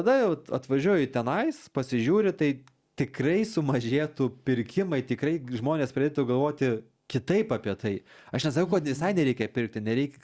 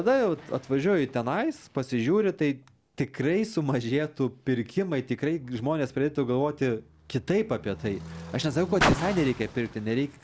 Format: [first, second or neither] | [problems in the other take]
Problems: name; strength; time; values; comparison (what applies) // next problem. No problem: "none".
first | background sound (Car); 10 dB below the speech